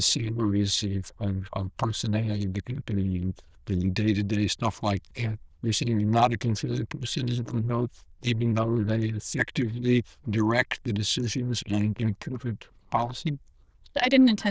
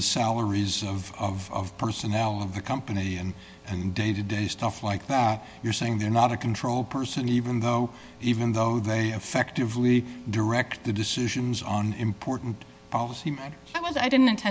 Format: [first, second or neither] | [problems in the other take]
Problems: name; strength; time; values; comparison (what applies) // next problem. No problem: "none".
second | noise reduction (neural diffusion model UNIVERSE++)